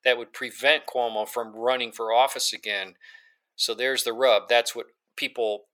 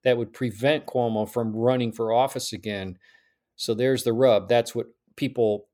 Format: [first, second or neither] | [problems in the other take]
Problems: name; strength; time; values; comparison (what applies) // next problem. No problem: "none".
second | thin; very; fading below 750 Hz